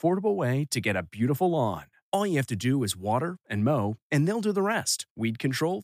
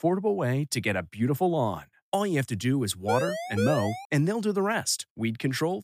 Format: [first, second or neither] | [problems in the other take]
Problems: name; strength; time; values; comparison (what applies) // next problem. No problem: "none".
first | siren; noticeable; at 3 s; peak 2 dB below the speech